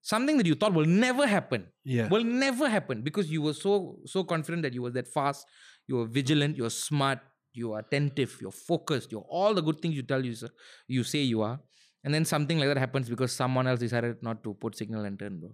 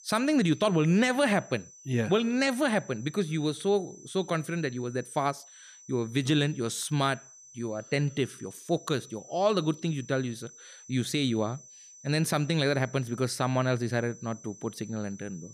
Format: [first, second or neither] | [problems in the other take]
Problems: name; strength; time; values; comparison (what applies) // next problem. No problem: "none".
first | high-pitched whine; faint; throughout; 6 kHz, 20 dB below the speech